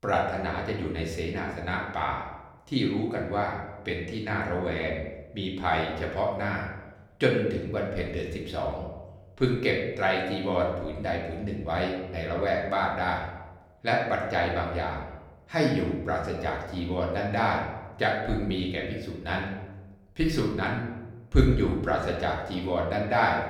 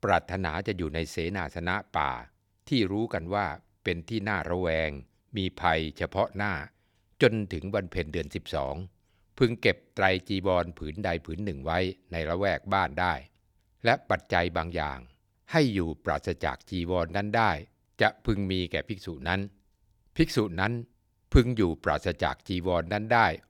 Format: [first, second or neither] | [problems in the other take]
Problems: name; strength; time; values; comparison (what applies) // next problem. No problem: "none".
second | room echo; noticeable; dies away in 0.9 s // off-mic speech; far